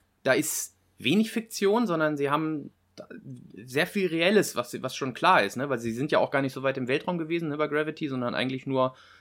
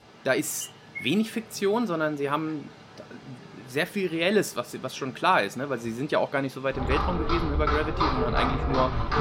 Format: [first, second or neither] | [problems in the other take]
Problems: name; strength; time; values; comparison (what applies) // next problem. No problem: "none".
first | animal sounds; loud; throughout; 1 dB below the speech